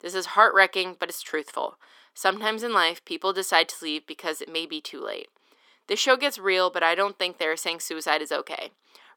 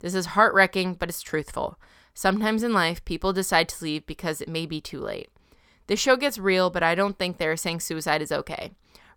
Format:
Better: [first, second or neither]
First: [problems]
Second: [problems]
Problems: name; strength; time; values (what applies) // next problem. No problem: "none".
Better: second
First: thin; somewhat; fading below 300 Hz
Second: none